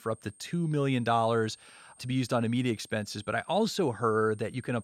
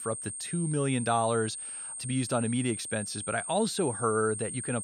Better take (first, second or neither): first